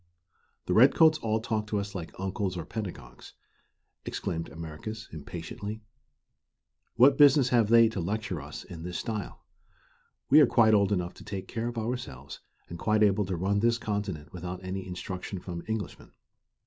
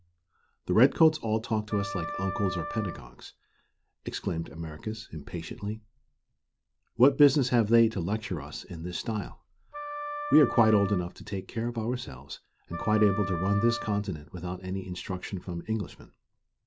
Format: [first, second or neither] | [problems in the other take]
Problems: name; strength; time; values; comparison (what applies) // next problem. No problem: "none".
first | background sound (Wind instrument, woodwind instrument); 9 dB below the speech